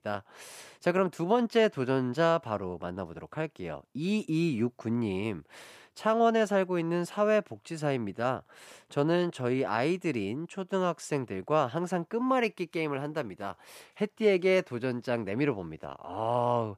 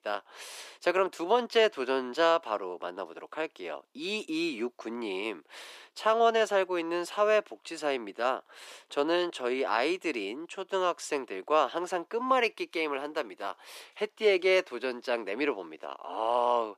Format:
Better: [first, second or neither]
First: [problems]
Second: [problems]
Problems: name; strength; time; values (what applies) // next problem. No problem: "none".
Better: first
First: none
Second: thin; somewhat; fading below 300 Hz